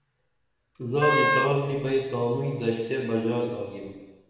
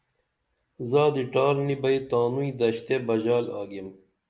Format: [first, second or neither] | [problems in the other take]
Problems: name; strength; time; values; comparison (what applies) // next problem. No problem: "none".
second | background sound (Wind instrument, woodwind instrument); 2 dB above the speech // room echo; dies away in 1.1 s